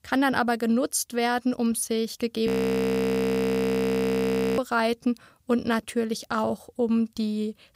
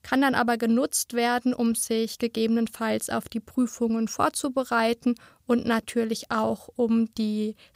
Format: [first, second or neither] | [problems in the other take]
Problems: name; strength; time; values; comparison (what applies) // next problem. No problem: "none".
second | audio freezing; at 2.5 s for 2 s